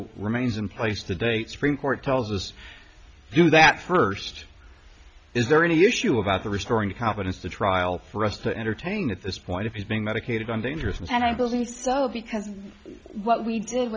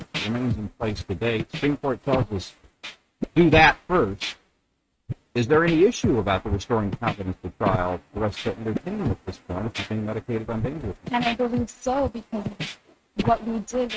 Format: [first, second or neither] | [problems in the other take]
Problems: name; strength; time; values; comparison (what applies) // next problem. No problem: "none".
first | noise reduction (neural mask model RNNoise)